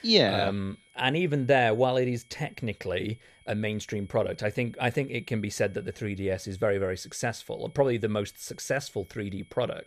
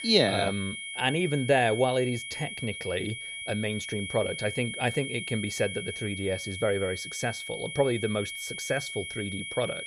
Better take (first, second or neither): first